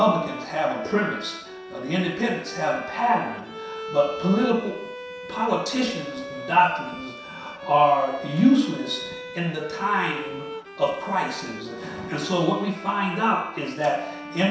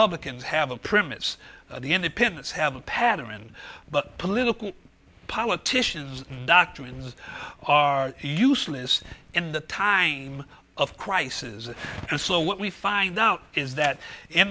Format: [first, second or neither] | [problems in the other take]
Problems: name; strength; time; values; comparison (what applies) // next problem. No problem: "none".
second | background sound (Bowed string instrument); 12 dB below the speech // room echo; dies away in 0.7 s